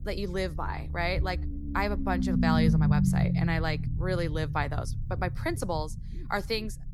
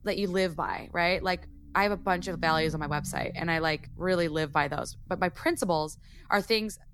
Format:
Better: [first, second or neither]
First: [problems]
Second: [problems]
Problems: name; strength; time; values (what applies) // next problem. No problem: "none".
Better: second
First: low rumble; loud; throughout; 6 dB below the speech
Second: low rumble; faint; throughout; 25 dB below the speech